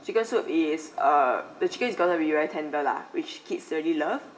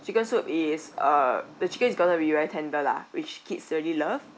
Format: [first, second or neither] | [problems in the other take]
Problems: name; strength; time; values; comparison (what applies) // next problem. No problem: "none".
second | room echo; dies away in 2.8 s